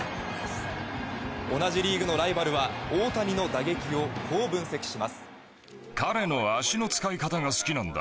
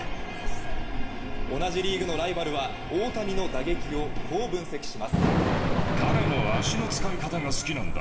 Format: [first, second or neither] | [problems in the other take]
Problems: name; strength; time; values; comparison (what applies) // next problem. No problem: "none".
first | background sound (Thunder / Rain); 3 dB above the speech // room echo; dies away in 2.5 s